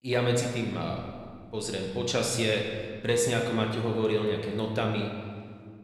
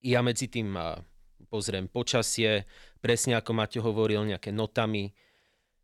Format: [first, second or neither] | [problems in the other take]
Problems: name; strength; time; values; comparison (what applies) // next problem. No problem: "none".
second | room echo; noticeable; dies away in 1.5 s // off-mic speech; somewhat distant